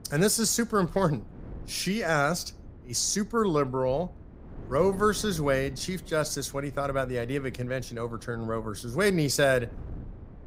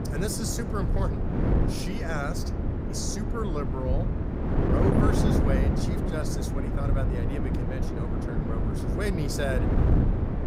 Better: first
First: wind noise on the microphone; occasional gusts; 25 dB below the speech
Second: wind noise on the microphone; heavy; 1 dB above the speech

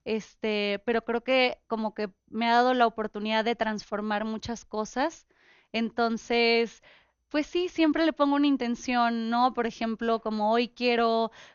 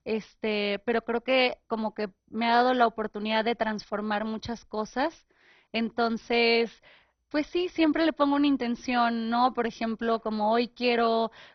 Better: first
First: garbled, watery; slightly; nothing above 6.5 kHz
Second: garbled, watery; badly

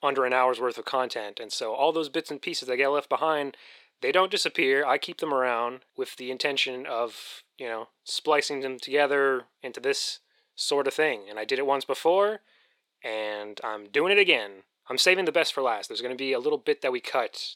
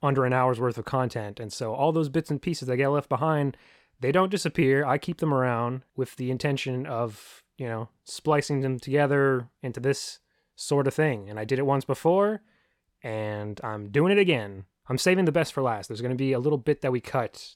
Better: second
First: thin; somewhat; fading below 400 Hz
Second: none

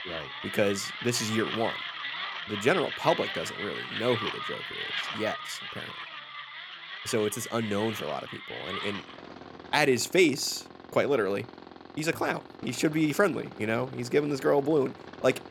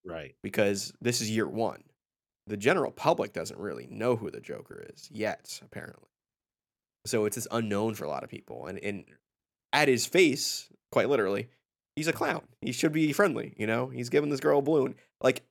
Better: second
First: machinery noise; loud; throughout; 8 dB below the speech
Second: none

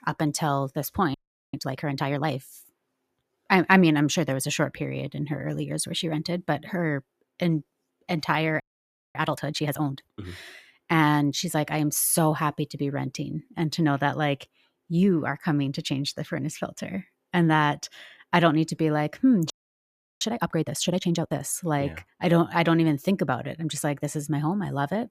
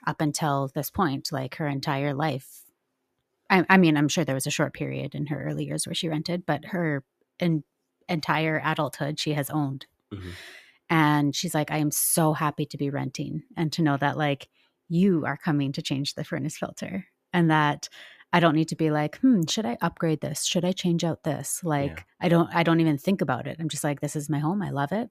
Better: second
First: audio freezing; at 1 s, at 8.5 s for 0.5 s and at 20 s for 0.5 s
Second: none

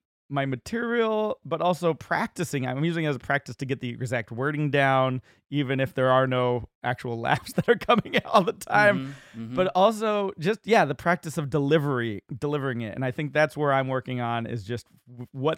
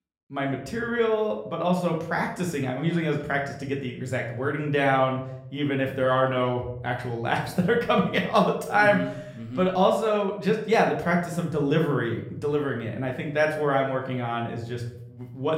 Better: first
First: none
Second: room echo; slight; dies away in 0.6 s // off-mic speech; somewhat distant

